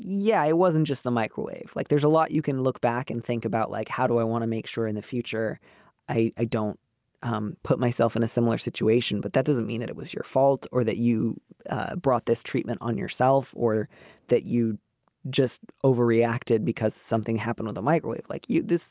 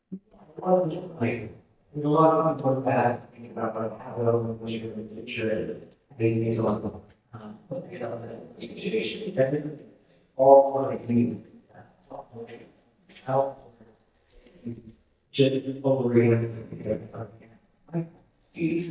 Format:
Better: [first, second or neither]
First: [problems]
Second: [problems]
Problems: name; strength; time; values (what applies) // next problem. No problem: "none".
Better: first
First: none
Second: noise reduction (neural mask model DeepFilterNet 3)